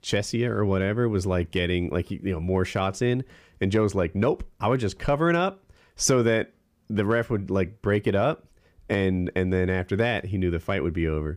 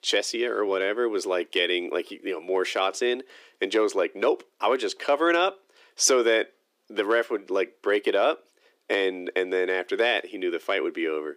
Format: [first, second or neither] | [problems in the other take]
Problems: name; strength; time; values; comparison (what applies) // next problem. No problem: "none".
first | thin; very; fading below 300 Hz